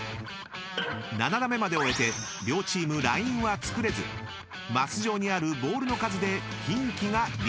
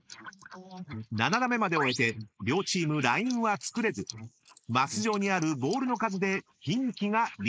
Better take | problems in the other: first | noise reduction (neural mask model Resemble Enhance denoiser)

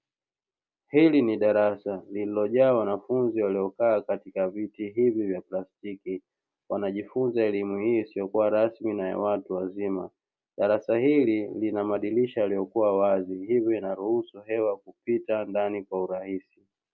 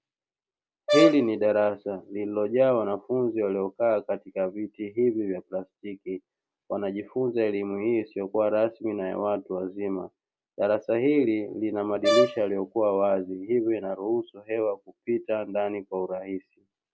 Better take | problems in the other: first | background sound (Brass instrument); as loud as the speech

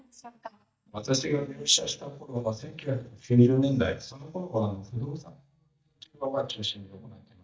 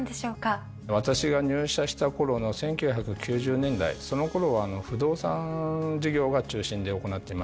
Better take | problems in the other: second | noise reduction (neural mask model DeepFilterNet 3)

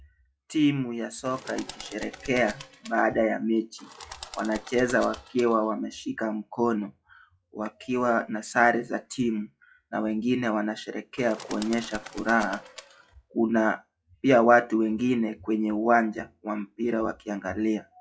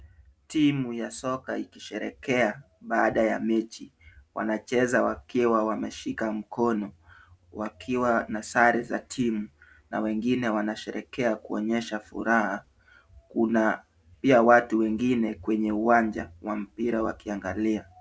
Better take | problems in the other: second | noise reduction (classical method log-MMSE)

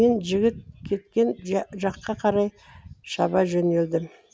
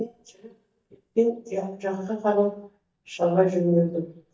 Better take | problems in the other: first | noise reduction (neural mask model DeepFilterNet 3)

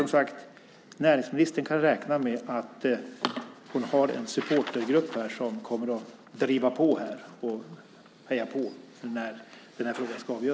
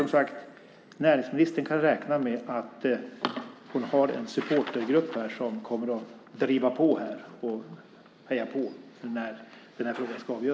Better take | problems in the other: first | room echo; dies away in 1.3 s

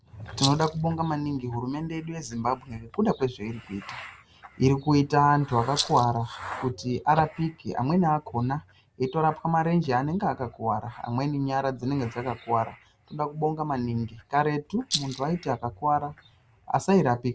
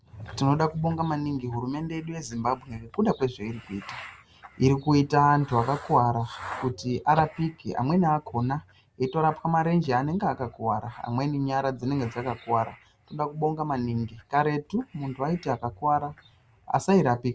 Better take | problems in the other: second | background sound (Rattle); 5 dB below the speech

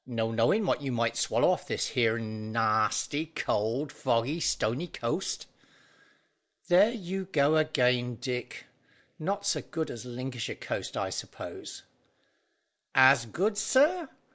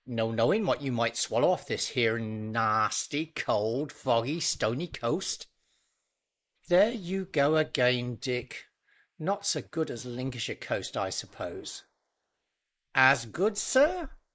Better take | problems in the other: first | noise reduction (neural mask model Resemble Enhance denoiser)

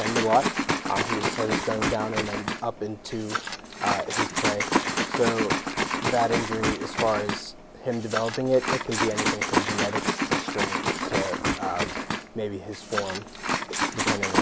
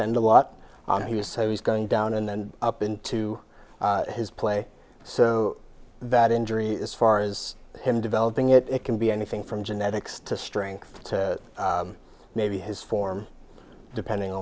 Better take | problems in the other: second | background sound (Liquid); 2 dB above the speech

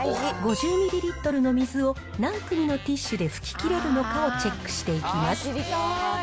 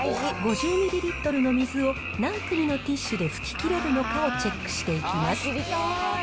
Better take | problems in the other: first | background sound (Frog); 10 dB below the speech

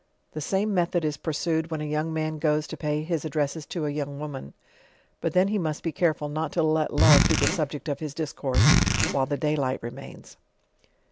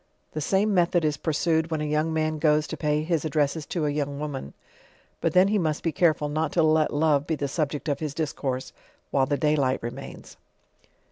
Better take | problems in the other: second | background sound (Zipper (clothing)); 4 dB above the speech

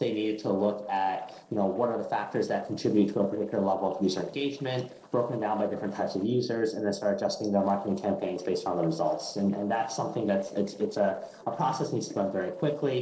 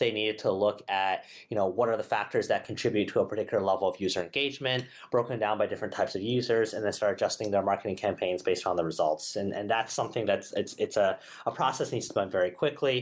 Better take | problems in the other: second | noise reduction (neural separator model SepFormer DNS4)

